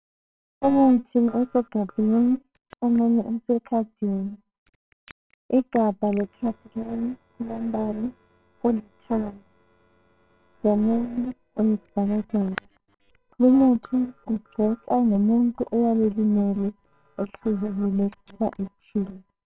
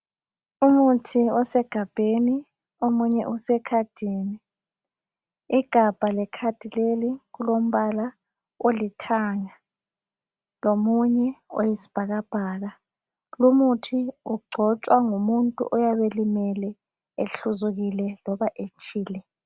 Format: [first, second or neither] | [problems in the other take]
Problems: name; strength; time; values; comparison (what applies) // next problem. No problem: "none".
second | noise reduction (neural separator model SepFormer WHAMR!)